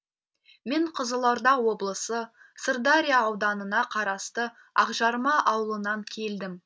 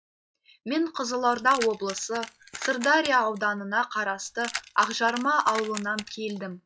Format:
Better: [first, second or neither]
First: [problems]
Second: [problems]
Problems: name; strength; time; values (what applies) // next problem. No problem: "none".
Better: first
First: none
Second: noise reduction (classical method log-MMSE)